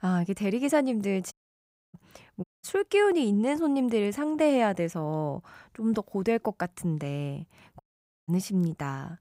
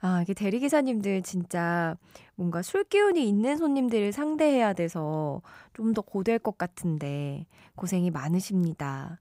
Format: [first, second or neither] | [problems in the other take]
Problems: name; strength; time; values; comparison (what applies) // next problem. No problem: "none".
second | audio cutting out; at 1.5 s for 0.5 s, at 2.5 s and at 8 s